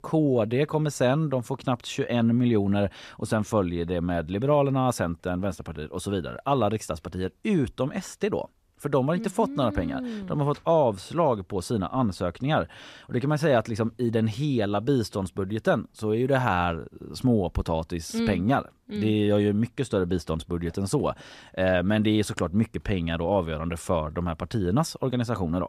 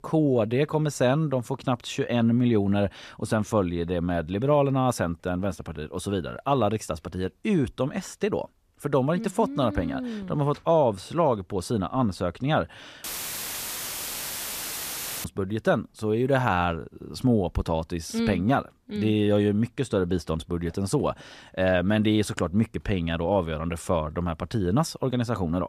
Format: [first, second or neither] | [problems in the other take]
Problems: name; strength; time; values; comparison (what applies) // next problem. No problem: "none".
first | audio cutting out; filled with static; at 13 s for 2 s